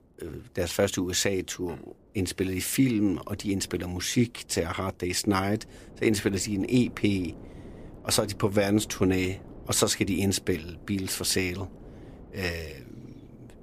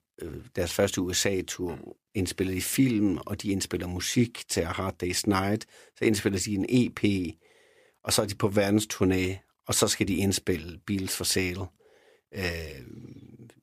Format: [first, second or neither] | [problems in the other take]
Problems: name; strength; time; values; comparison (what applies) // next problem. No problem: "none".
second | wind noise on the microphone; occasional gusts; 25 dB below the speech